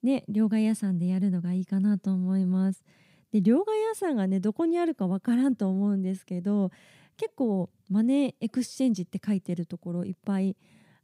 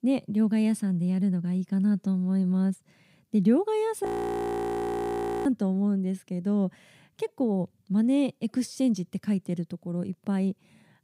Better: first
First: none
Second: audio freezing; at 4 s for 1.5 s

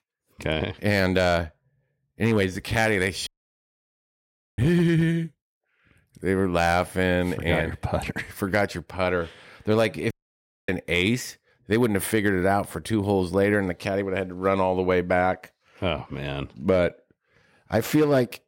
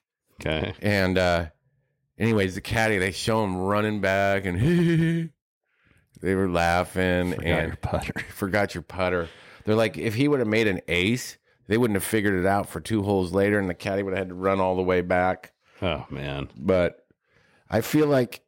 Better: second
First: audio cutting out; at 3.5 s for 1.5 s and at 10 s for 0.5 s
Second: none

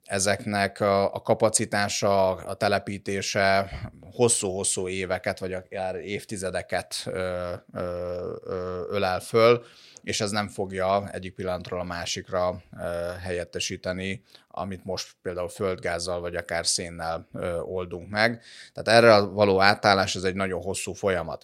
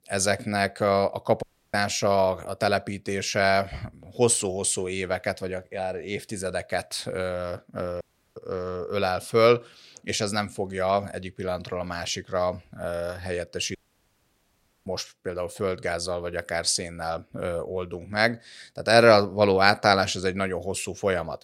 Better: first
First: none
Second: audio cutting out; at 1.5 s, at 8 s and at 14 s for 1 s

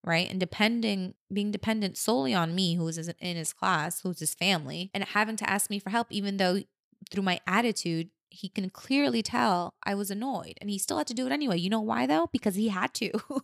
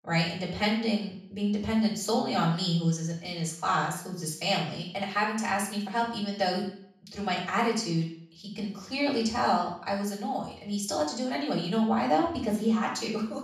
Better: first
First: none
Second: room echo; noticeable; dies away in 0.5 s // off-mic speech; far

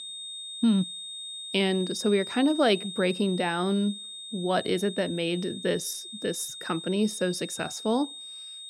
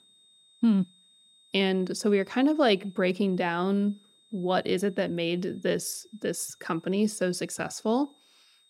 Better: second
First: high-pitched whine; loud; throughout; 3.5 kHz, 9 dB below the speech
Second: high-pitched whine; faint; throughout; 3.5 kHz, 30 dB below the speech

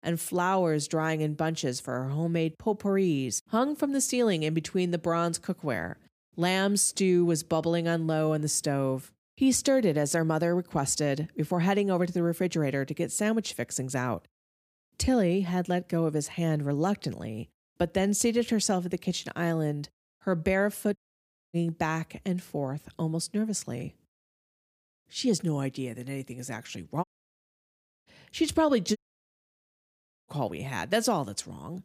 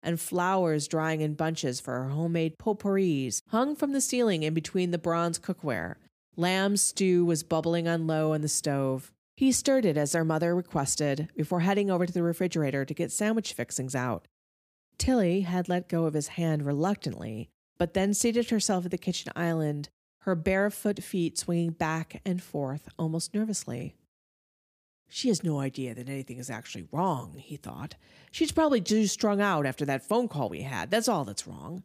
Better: second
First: audio cutting out; at 21 s for 0.5 s, at 27 s for 1 s and at 29 s for 1.5 s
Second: none

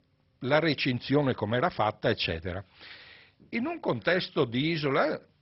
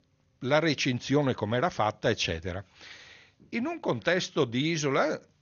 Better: second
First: garbled, watery; badly; nothing above 5.5 kHz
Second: garbled, watery; slightly; nothing above 6.5 kHz

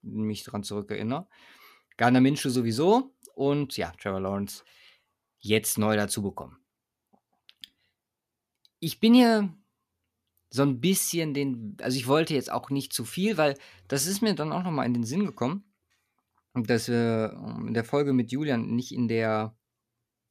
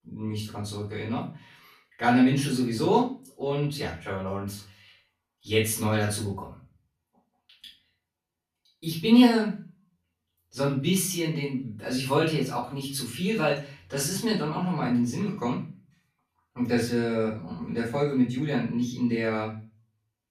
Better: first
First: none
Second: room echo; noticeable; dies away in 0.4 s // off-mic speech; far

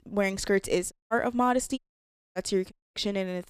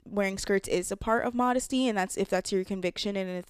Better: second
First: audio cutting out; at 1 s, at 2 s for 0.5 s and at 2.5 s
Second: none

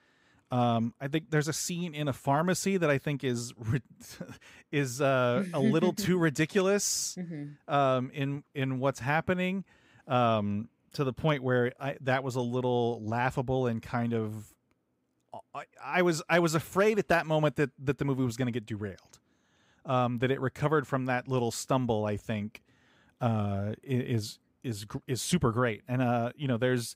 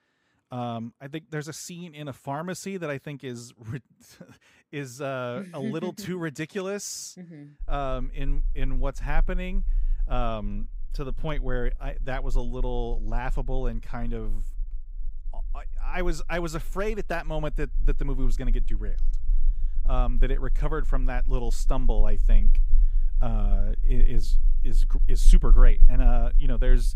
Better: first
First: none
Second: low rumble; faint; from 7.5 s on; 25 dB below the speech

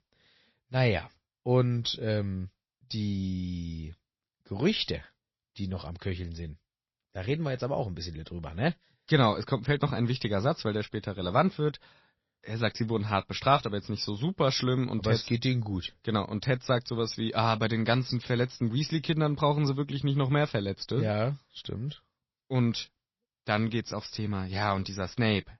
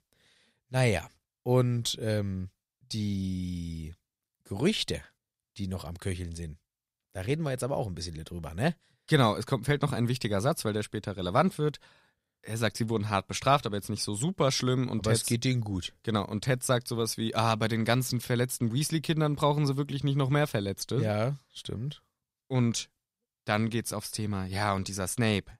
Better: second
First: garbled, watery; slightly; nothing above 5.5 kHz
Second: none

